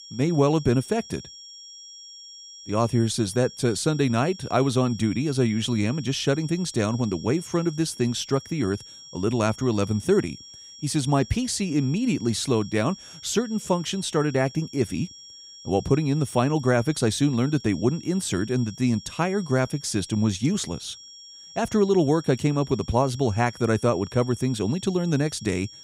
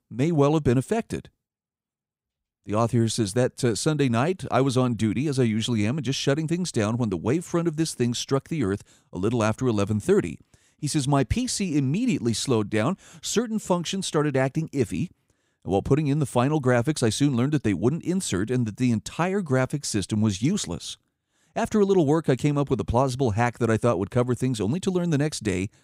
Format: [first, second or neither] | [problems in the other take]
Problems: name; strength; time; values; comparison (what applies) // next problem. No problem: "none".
second | high-pitched whine; noticeable; throughout; 5.5 kHz, 15 dB below the speech